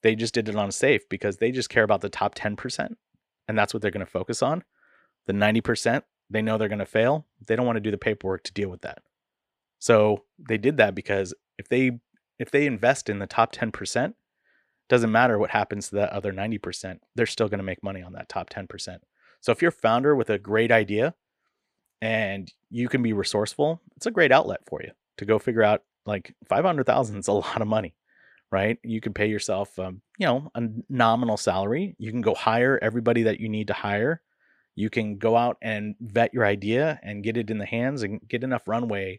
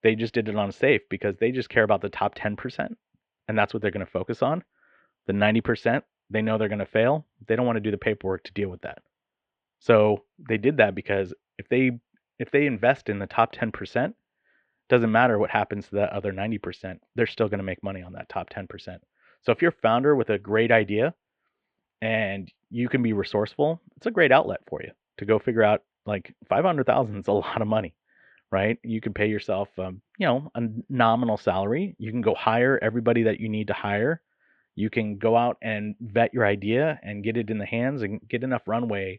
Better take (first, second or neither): first